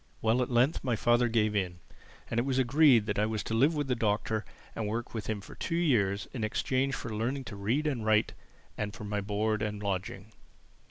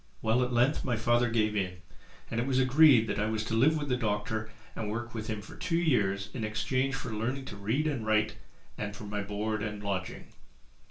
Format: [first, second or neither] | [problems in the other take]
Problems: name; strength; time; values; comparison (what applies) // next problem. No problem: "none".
first | room echo; dies away in 0.3 s